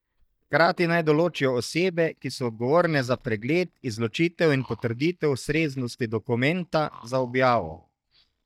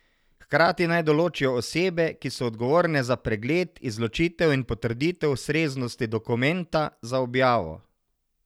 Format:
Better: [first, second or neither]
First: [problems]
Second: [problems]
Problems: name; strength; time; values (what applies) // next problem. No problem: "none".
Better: second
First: noise reduction (neural mask model DeepFilterNet 3)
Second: none